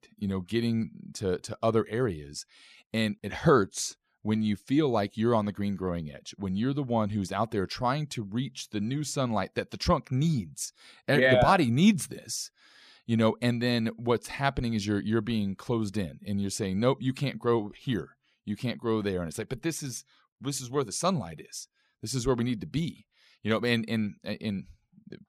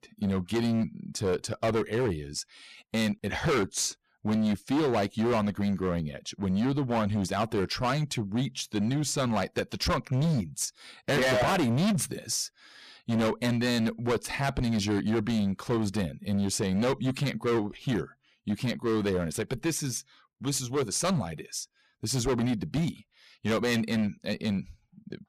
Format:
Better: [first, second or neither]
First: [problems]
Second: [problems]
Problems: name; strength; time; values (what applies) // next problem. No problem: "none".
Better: first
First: none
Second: distortion; heavy; 15% of the sound clipped